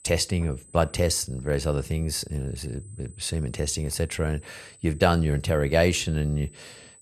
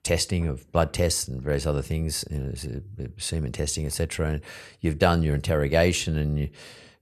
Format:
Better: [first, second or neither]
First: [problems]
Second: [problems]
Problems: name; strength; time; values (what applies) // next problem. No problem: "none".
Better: second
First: high-pitched whine; faint; throughout; 8 kHz, 25 dB below the speech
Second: none